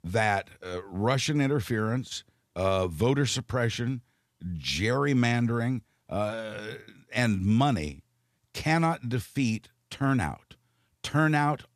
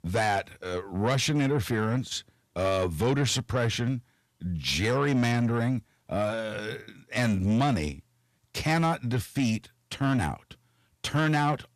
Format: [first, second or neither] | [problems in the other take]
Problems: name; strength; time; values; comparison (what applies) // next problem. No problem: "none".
first | distortion; slight; 10 dB below the speech